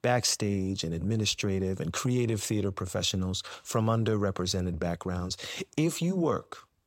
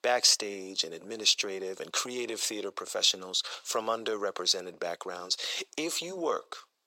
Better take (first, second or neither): first